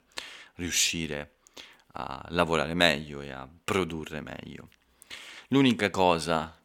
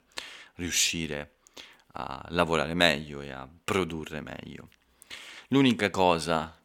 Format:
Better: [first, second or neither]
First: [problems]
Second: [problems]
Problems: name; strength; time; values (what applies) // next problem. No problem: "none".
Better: neither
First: thin; very slightly; fading below 1 kHz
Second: thin; very slightly; fading below 1 kHz